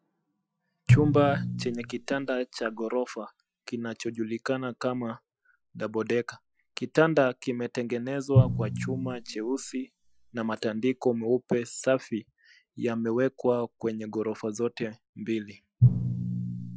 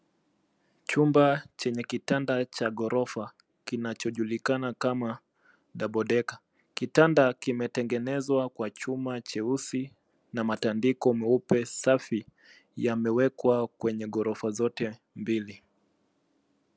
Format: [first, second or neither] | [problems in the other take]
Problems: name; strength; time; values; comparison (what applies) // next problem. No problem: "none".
second | noise reduction (classical method Wiener filter)